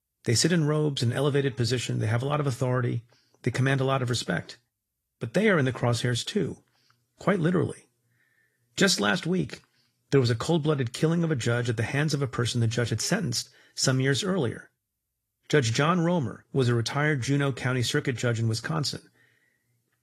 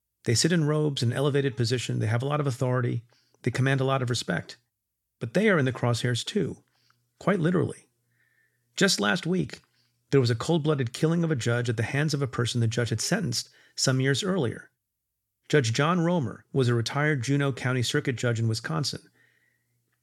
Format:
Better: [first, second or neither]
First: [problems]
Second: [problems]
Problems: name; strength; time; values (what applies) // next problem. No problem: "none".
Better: second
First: garbled, watery; slightly; nothing above 12.5 kHz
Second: none